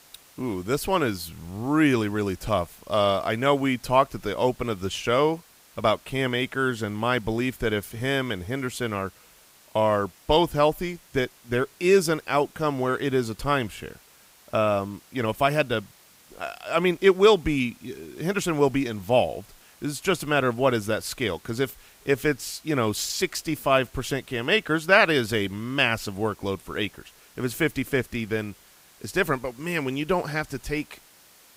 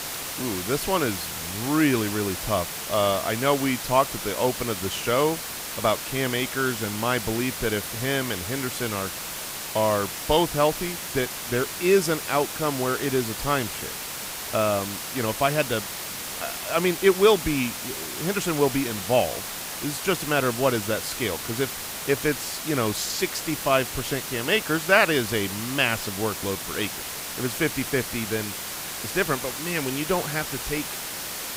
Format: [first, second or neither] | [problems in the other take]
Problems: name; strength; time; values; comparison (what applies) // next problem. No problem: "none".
first | hiss; loud; throughout; 5 dB below the speech; faint in the first